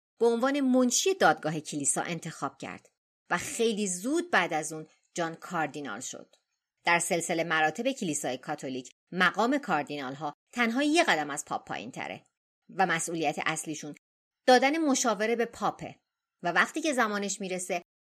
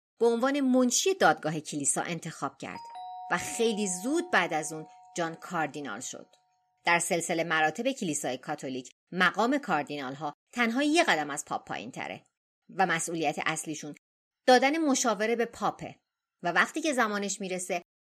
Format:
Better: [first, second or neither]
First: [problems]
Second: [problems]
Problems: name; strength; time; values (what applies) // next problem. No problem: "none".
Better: first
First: none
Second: doorbell; faint; from 3 to 5.5 s; peak 15 dB below the speech